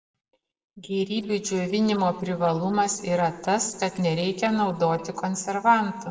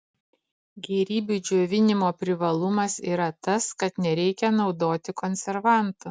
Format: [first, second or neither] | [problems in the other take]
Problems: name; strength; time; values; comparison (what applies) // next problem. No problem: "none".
second | noise reduction (neural separator model SepFormer DNS4)